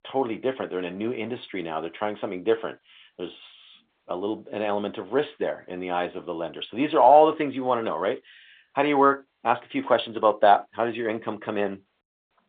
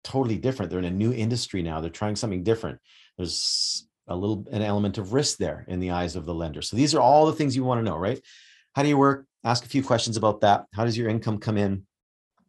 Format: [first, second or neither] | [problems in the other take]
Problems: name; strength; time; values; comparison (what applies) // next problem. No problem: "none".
second | phone-call audio; nothing above 3.5 kHz